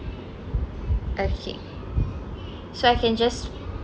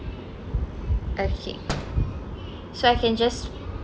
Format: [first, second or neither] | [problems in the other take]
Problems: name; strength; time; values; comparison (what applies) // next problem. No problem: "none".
first | background sound (Slam); 13 dB below the speech